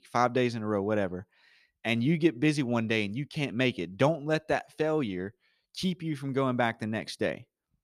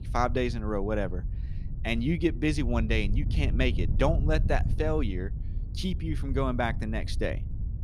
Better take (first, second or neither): first